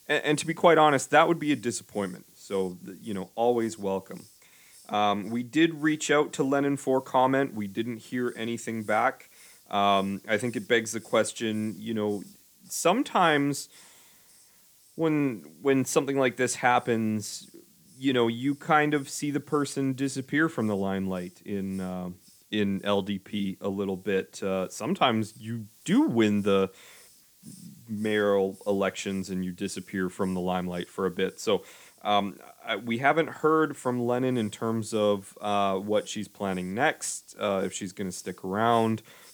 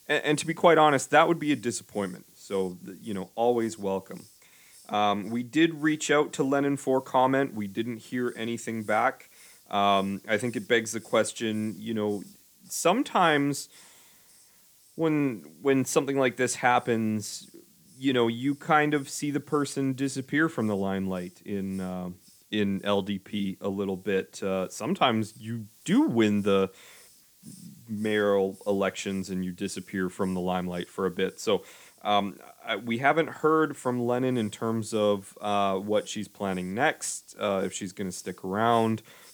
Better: neither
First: hiss; faint; throughout; 25 dB below the speech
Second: hiss; faint; throughout; 25 dB below the speech

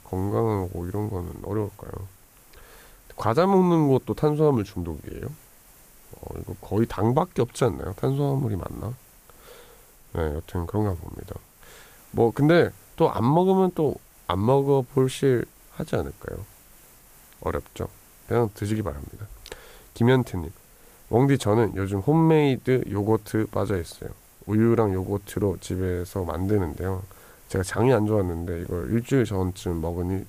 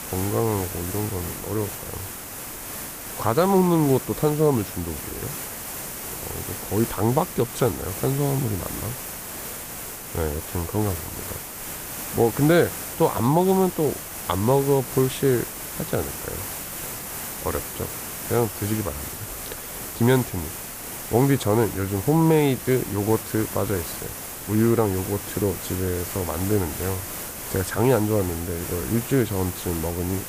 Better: first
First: hiss; faint; throughout; 25 dB below the speech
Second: hiss; loud; throughout; 8 dB below the speech

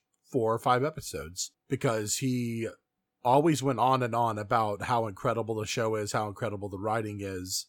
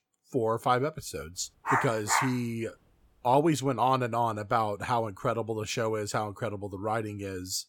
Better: first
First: none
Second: dog barking; loud; at 1.5 s; peak 1 dB above the speech

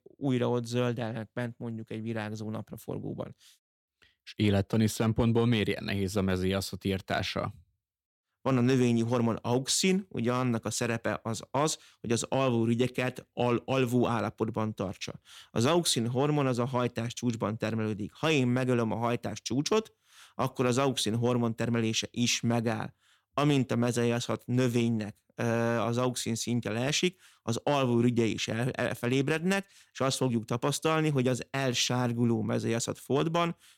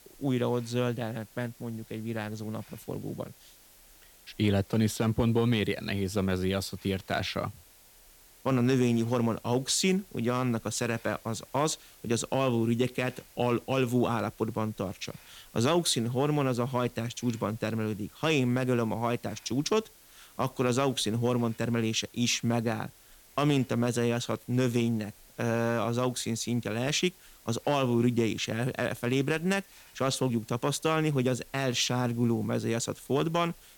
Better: first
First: none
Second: hiss; faint; throughout; 25 dB below the speech

